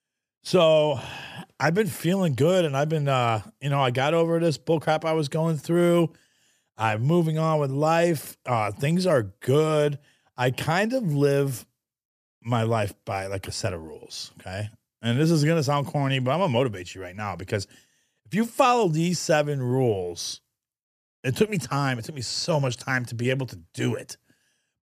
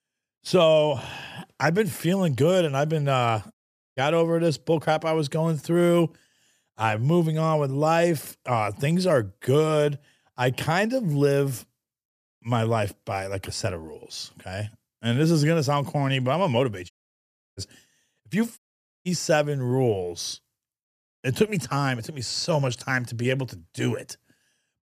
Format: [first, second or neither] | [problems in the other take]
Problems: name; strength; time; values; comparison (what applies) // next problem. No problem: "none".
first | audio cutting out; at 3.5 s, at 17 s for 0.5 s and at 19 s